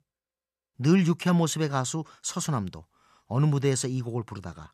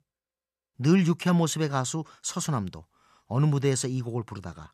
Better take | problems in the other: neither | none

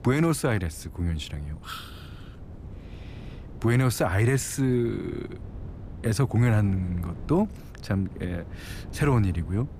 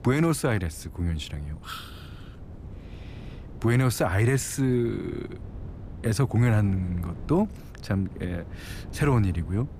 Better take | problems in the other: neither | wind noise on the microphone; occasional gusts; 20 dB below the speech; the same in both

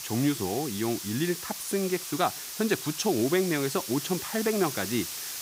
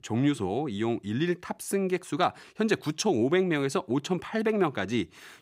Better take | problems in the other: second | hiss; loud; throughout; 6 dB below the speech

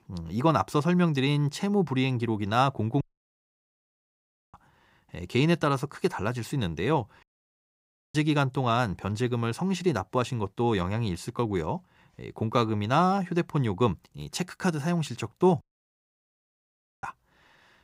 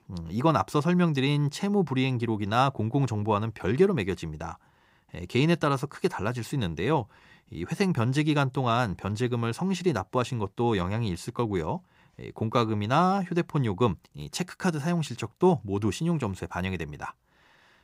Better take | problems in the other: second | audio cutting out; at 3 s for 1.5 s, at 7 s for 1 s and at 16 s for 1.5 s

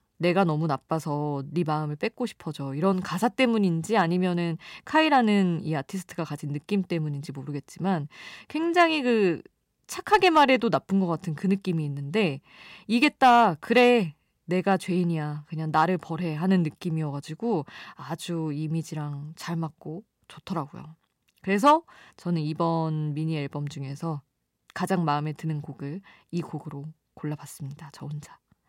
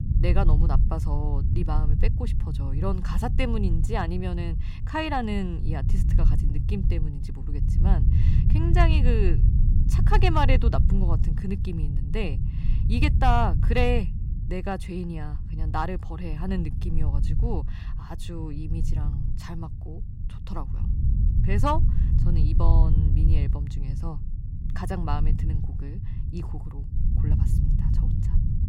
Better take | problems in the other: first | low rumble; loud; throughout; 10 dB below the speech

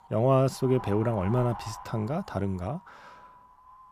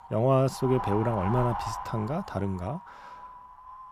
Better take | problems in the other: first | wind noise on the microphone; heavy; 4 dB below the speech; occasional gusts in the first

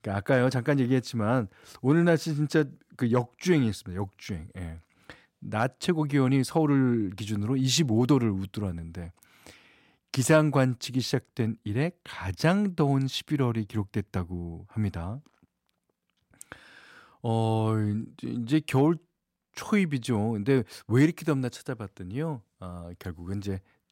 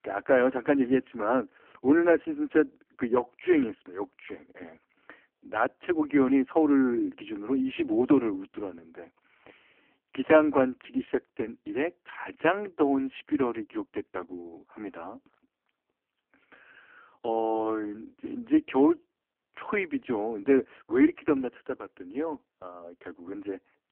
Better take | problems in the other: first | phone-call audio; poor line

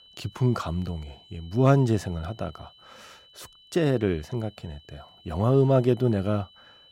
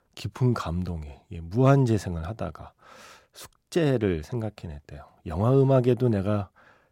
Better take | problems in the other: second | high-pitched whine; faint; throughout; 3 kHz, 25 dB below the speech

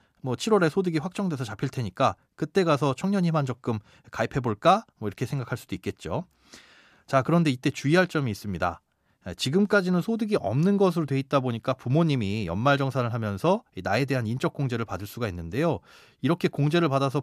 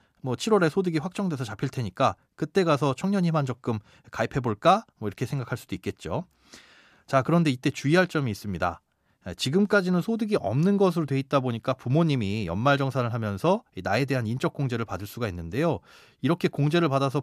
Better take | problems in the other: neither | none

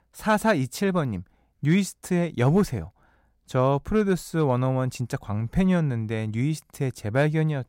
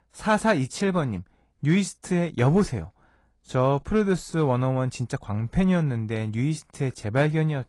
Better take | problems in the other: first | garbled, watery; slightly; nothing above 10.5 kHz

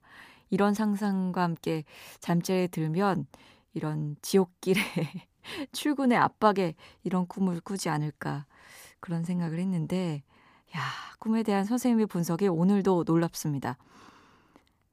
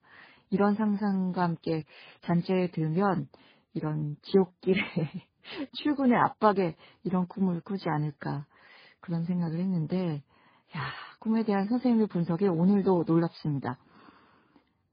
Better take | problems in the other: first | garbled, watery; badly; nothing above 4.5 kHz

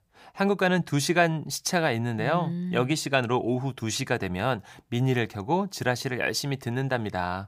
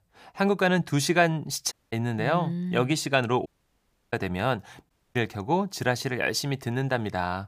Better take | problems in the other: first | audio cutting out; at 1.5 s, at 3.5 s for 0.5 s and at 5 s

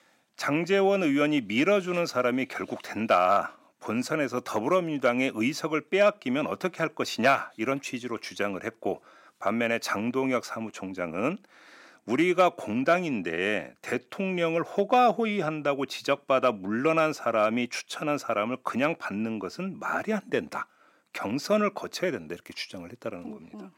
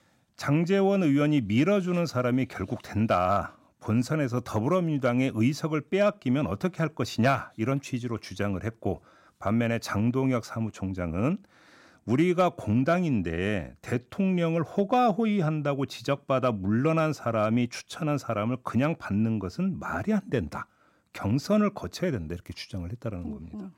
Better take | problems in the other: second | thin; very slightly; fading below 300 Hz

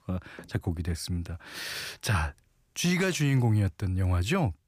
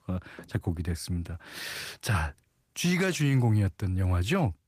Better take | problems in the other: first | garbled, watery; slightly; nothing above 15 kHz

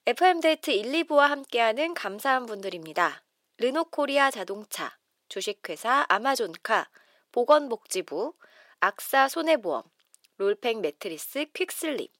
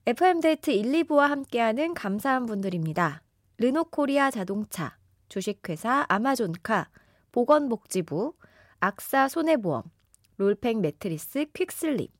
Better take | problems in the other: second | thin; somewhat; fading below 350 Hz

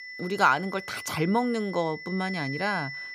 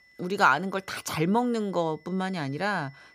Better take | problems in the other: second | high-pitched whine; loud; throughout; 2 kHz, 10 dB below the speech; faint in the second

